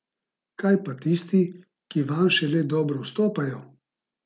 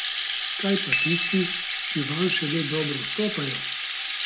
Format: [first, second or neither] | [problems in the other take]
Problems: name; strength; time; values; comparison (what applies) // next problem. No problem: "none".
first | background sound (Bicycle bell + Rattle (instrument)); 1 dB above the speech